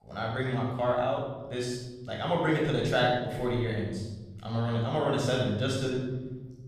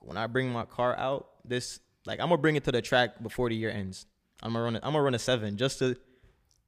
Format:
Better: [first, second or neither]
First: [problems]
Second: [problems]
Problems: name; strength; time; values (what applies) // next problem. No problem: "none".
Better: second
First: off-mic speech; far // room echo; noticeable; dies away in 1.5 s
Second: none